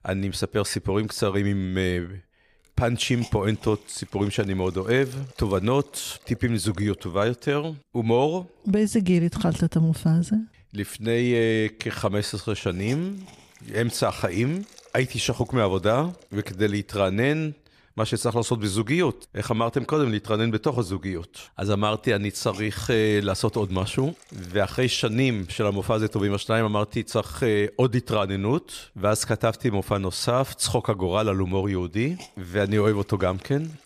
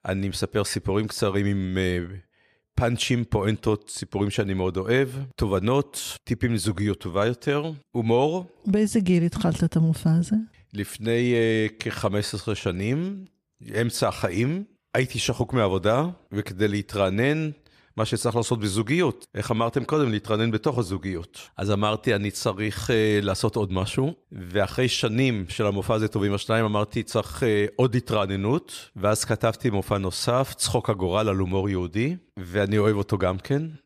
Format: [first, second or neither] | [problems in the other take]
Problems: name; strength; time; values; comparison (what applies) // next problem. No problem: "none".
second | hiss; faint; throughout; 25 dB below the speech